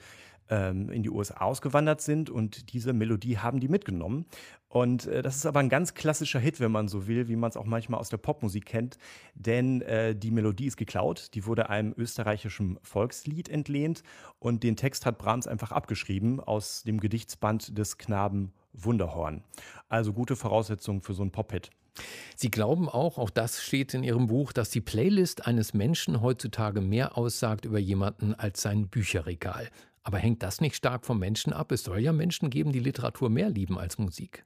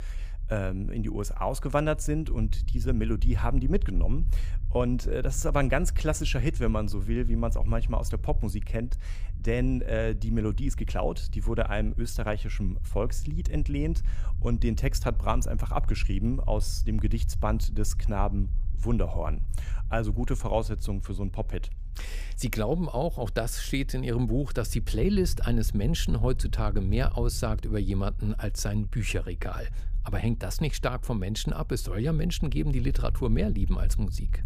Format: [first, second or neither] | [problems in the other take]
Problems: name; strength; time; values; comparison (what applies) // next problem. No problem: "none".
first | low rumble; faint; throughout; 20 dB below the speech